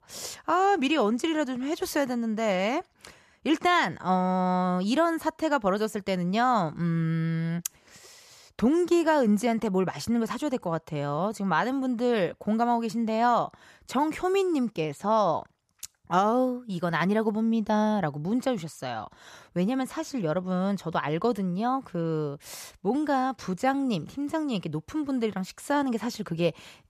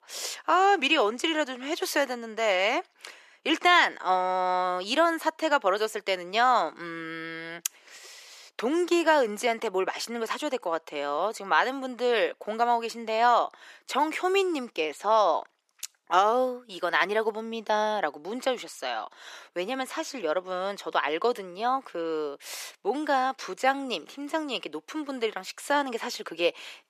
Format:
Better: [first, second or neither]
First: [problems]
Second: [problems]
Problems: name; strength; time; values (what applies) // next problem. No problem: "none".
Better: first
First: none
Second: thin; somewhat; fading below 350 Hz